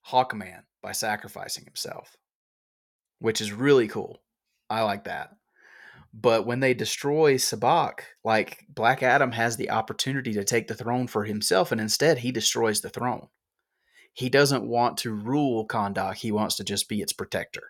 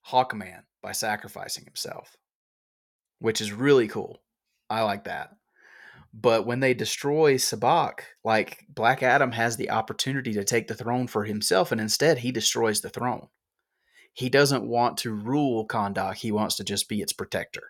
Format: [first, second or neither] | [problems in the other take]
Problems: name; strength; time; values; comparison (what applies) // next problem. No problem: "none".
neither | none